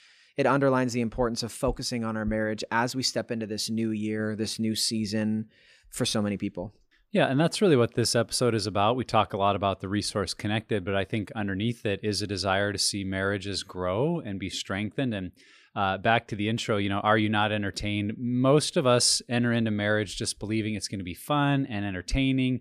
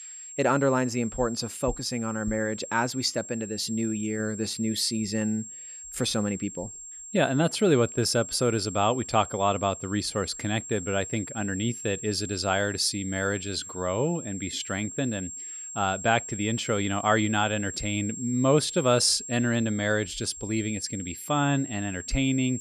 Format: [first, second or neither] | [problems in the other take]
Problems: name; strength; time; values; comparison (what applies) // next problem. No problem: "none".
first | high-pitched whine; noticeable; throughout; 7.5 kHz, 10 dB below the speech